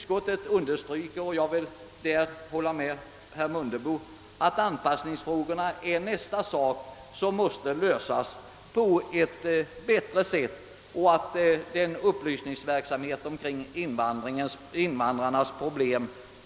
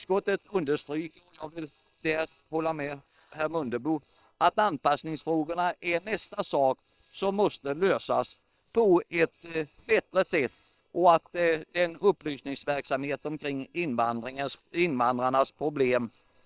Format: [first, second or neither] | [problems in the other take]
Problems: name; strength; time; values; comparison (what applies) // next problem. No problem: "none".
first | noise reduction (neural separator model SepFormer WHAM!)